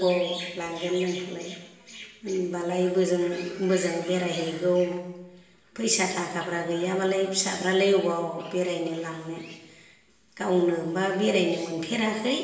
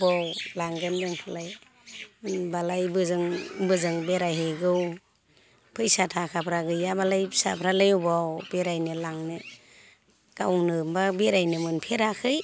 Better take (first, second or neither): second